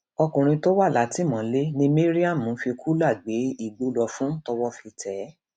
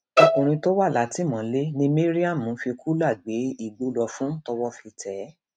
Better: first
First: none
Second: noise reduction (neural mask model RNNoise)

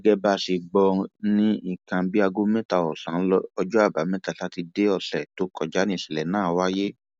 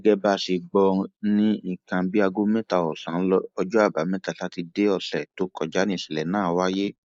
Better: first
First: none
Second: noise reduction (neural mask model Resemble Enhance denoiser)

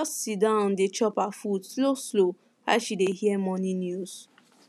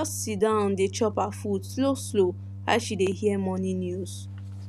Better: first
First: none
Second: background sound (Organ); 11 dB below the speech

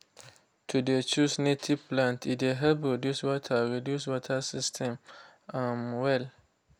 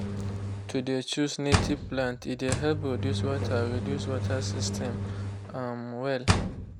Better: first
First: none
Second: background sound (Engine); 1 dB above the speech

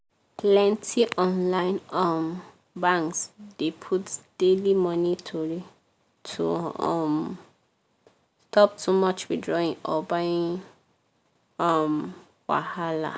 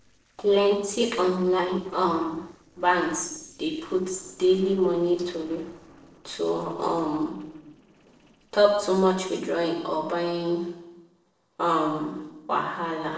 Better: first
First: none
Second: noise reduction (neural separator model SepFormer DNS4)

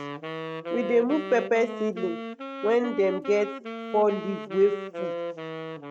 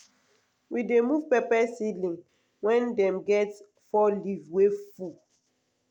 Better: second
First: noise reduction (neural mask model RNNoise)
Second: none

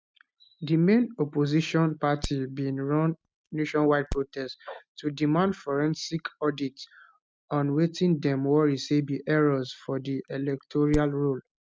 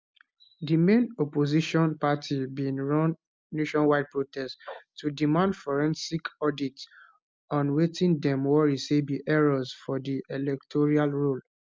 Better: second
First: noise reduction (neural mask model RNNoise)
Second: none

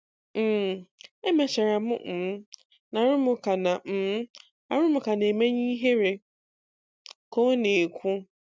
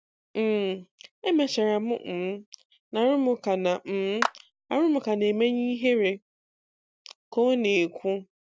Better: first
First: none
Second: background sound (Clapping); 8 dB below the speech

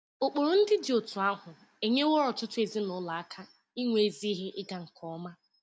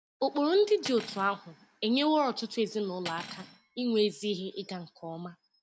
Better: first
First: none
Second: background sound (Cutlery, silverware); 18 dB below the speech

